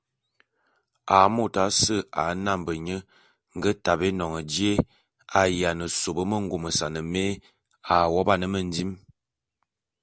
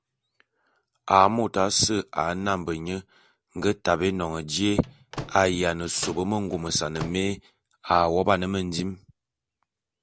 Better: first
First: none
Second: background sound (Microwave oven + Slam / Microwave oven); 14 dB below the speech

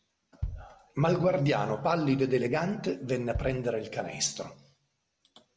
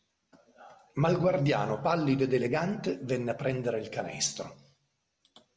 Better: second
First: background sound (Bass drum); 13 dB below the speech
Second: none

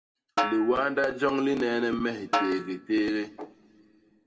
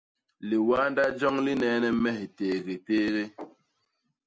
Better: second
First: background sound (Snare drum); 7 dB below the speech // room echo; dies away in 0.8 s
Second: none

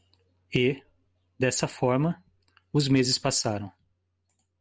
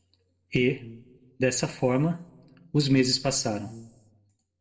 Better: first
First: none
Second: noise reduction (neural separator model SepFormer DNS4)

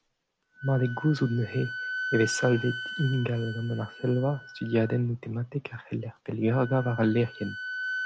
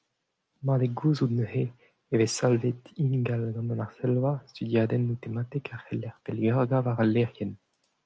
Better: second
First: background sound (Wind instrument, woodwind instrument); 10 dB below the speech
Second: none

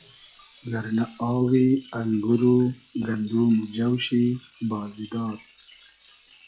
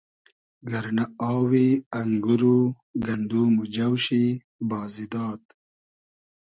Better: second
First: noise reduction (classical method log-MMSE)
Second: none

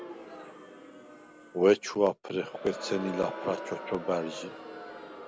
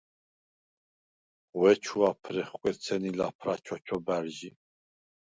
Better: second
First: background sound (Crowd); 11 dB below the speech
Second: none

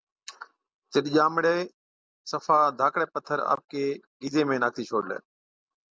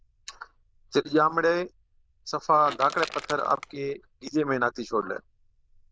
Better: first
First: none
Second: noise reduction (neural diffusion model UNIVERSE++)

